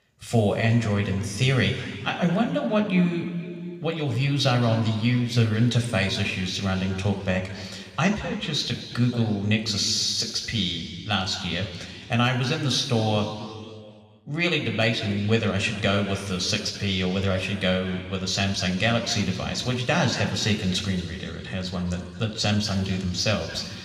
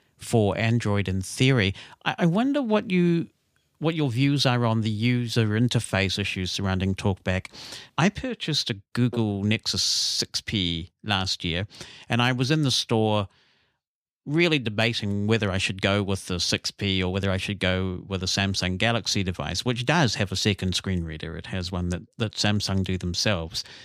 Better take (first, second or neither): second